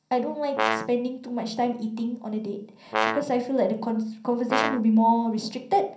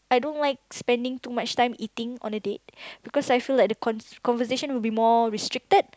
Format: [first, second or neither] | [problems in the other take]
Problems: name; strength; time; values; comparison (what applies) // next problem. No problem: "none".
second | background sound (Brass instrument); 3 dB below the speech // room echo; dies away in 0.6 s